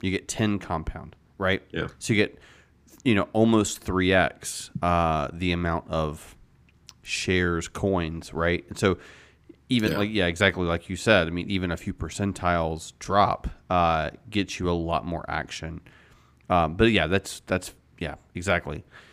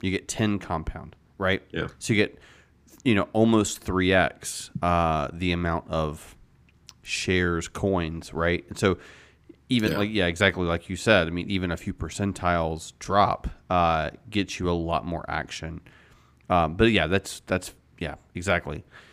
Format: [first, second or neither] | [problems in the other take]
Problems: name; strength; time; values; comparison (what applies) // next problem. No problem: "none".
neither | none